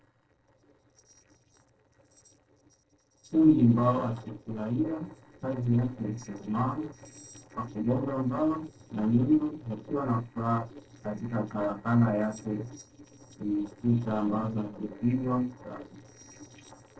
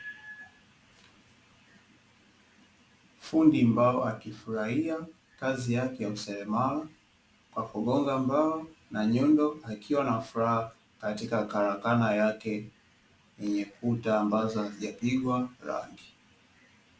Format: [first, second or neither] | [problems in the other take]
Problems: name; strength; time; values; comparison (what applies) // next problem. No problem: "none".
second | noise reduction (neural separator model SepFormer DNS4)